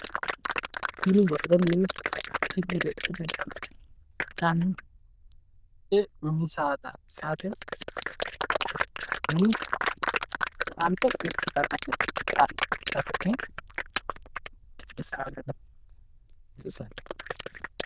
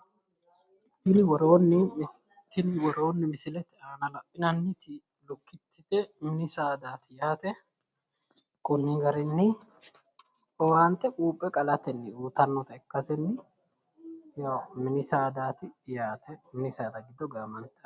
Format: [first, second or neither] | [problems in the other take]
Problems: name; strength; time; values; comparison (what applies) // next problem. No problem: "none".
second | noise reduction (neural diffusion model UNIVERSE++)